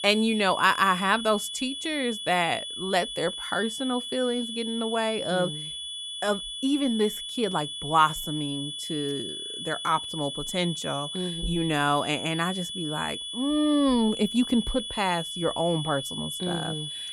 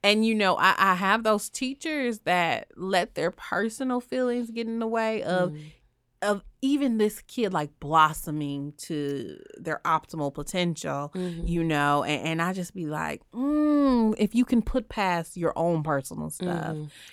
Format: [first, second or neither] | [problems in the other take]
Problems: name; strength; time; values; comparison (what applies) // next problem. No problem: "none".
second | high-pitched whine; loud; throughout; 3.5 kHz, 6 dB below the speech